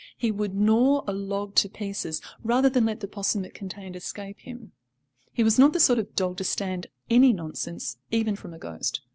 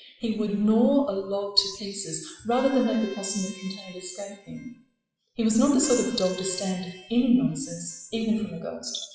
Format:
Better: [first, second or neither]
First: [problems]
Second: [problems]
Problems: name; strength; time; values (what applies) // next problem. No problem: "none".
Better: first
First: none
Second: noise reduction (classical method WPE with log-MMSE)